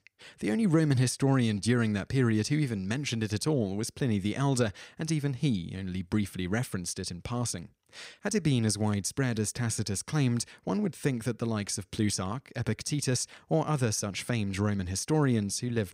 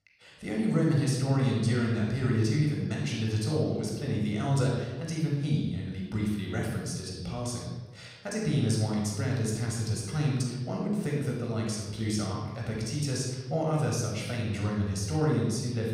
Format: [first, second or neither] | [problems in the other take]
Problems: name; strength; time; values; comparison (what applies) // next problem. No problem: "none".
first | off-mic speech; far // room echo; noticeable; dies away in 1 s